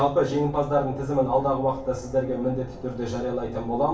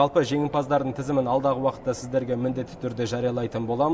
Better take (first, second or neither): second